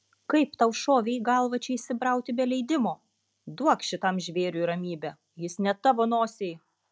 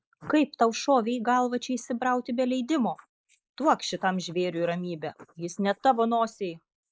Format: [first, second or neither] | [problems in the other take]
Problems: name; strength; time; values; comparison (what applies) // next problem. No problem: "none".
first | noise reduction (neural mask model Resemble Enhance denoiser)